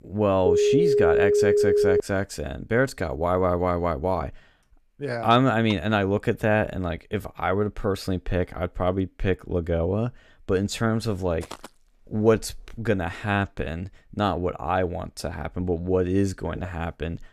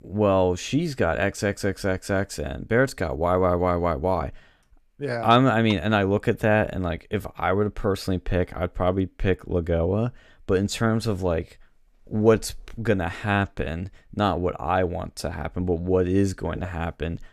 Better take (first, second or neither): second